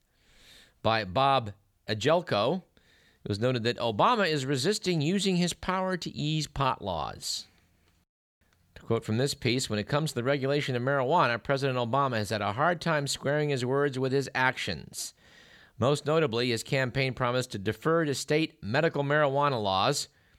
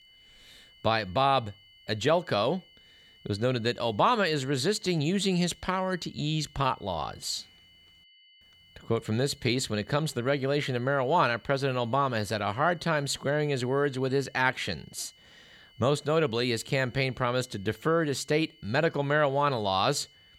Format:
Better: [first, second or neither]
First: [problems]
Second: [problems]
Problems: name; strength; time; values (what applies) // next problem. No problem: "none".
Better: first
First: none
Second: high-pitched whine; faint; throughout; 3 kHz, 25 dB below the speech